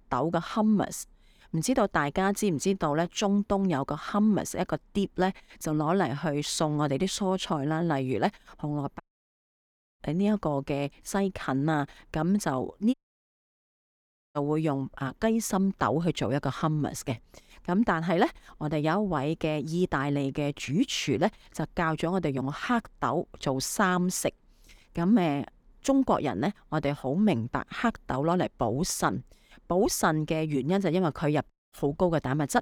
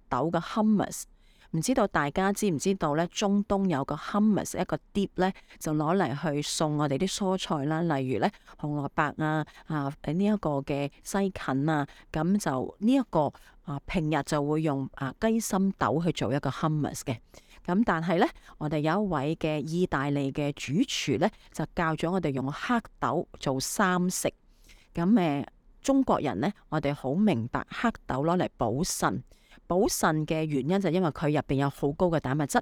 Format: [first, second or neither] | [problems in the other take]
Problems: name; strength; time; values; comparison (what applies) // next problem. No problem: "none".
second | audio cutting out; at 9 s for 1 s, at 13 s for 1.5 s and at 32 s